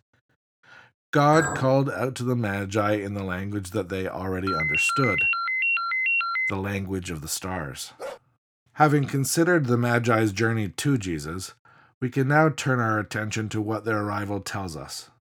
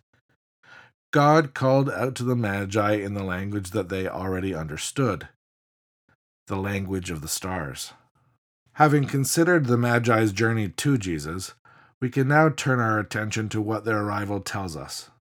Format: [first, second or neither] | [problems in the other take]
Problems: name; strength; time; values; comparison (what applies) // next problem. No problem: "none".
second | clattering dishes; noticeable; at 1.5 s; peak 4 dB below the speech // phone ringing; loud; from 4.5 to 6.5 s; peak 4 dB above the speech // dog barking; faint; at 8 s; peak 15 dB below the speech